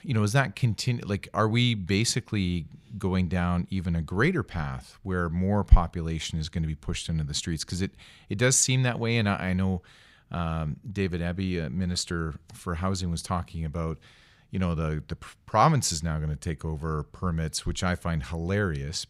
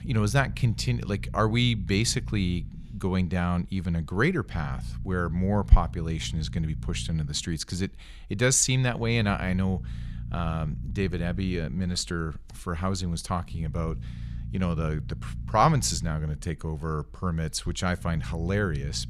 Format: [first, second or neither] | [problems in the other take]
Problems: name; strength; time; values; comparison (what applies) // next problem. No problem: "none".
first | low rumble; faint; throughout; 20 dB below the speech